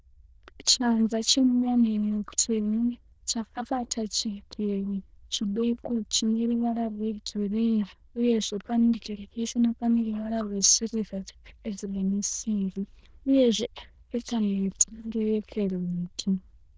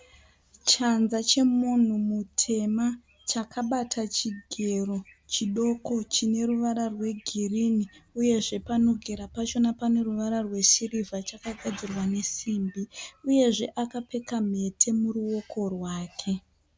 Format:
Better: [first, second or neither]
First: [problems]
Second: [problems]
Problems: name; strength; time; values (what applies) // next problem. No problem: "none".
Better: second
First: noise reduction (neural diffusion model UNIVERSE++)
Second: none